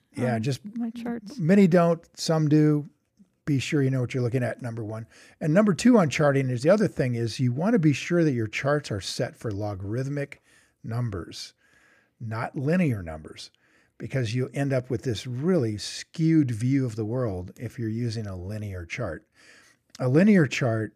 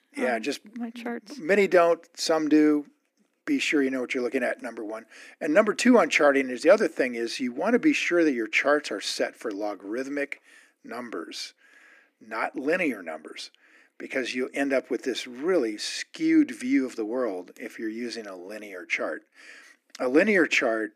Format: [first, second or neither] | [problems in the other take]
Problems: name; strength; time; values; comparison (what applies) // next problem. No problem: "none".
first | thin; somewhat; fading below 250 Hz